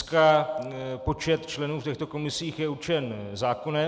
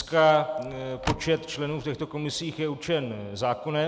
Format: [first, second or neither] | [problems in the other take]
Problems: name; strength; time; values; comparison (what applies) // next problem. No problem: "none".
first | background sound (Car); 10 dB below the speech